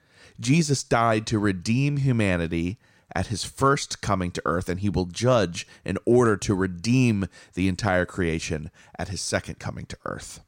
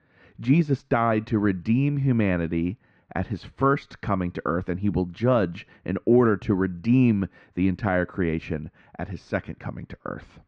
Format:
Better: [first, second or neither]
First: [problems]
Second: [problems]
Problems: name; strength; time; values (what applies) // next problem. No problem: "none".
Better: first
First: none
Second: muffled; very; fading above 2.5 kHz